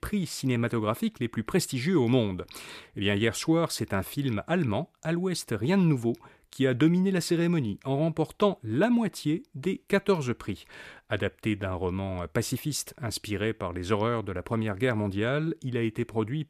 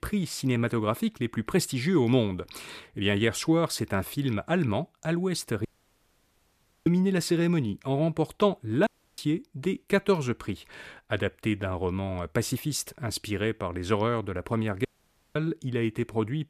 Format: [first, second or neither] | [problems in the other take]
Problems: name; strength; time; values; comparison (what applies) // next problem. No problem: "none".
first | audio cutting out; at 5.5 s for 1 s, at 9 s and at 15 s for 0.5 s